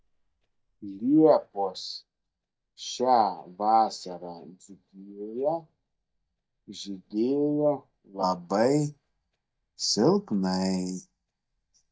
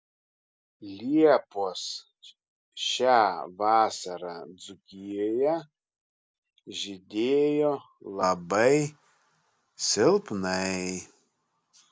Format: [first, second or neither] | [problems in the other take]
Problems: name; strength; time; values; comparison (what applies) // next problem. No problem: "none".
second | noise reduction (neural mask model DeepFilterNet 3)